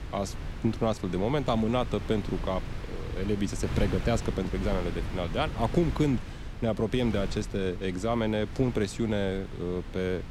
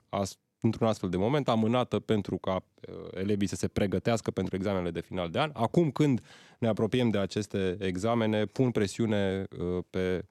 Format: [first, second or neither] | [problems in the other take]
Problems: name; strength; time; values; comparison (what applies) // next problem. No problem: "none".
second | wind noise on the microphone; occasional gusts; 10 dB below the speech